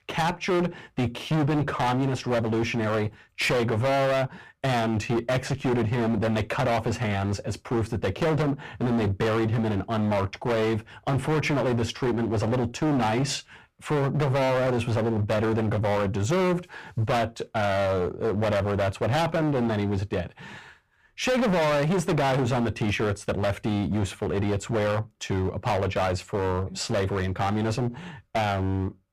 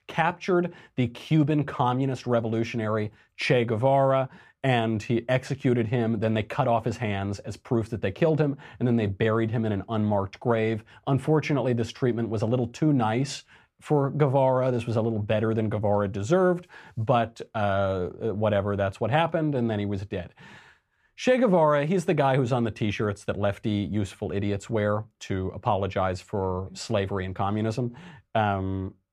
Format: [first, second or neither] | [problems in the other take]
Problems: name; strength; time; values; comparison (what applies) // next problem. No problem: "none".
second | distortion; heavy; 23% of the sound clipped